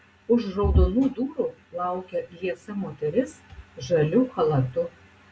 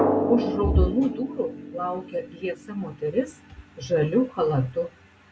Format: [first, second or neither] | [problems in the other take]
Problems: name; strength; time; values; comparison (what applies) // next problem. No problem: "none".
first | background sound (Drum); 5 dB below the speech